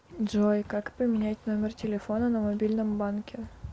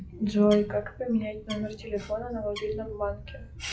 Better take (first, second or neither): first